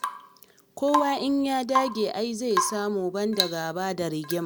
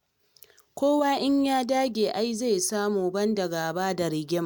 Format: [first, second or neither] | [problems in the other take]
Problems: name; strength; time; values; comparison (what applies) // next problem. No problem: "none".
second | background sound (Drip / Water tap, faucet / Rain); 5 dB below the speech